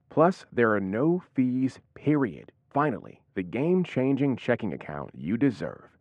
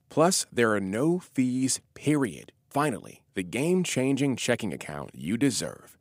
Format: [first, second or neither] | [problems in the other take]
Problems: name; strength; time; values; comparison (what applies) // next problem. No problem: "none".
second | muffled; very; fading above 1.5 kHz